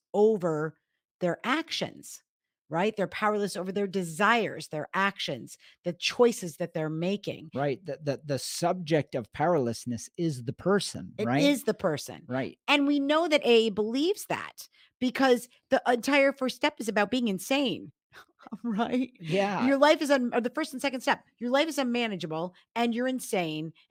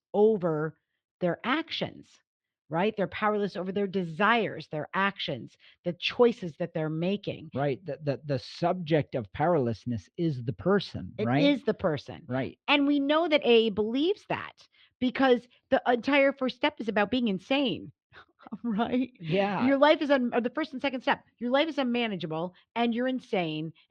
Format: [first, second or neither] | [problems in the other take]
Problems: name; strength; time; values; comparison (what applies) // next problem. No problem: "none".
first | muffled; slightly; fading above 3.5 kHz